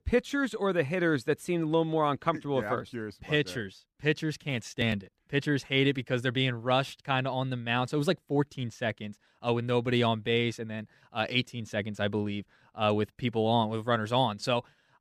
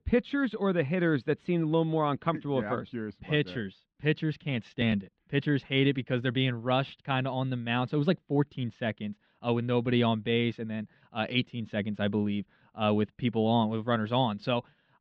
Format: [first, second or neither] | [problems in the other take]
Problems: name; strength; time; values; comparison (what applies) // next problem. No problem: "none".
first | muffled; slightly; fading above 3.5 kHz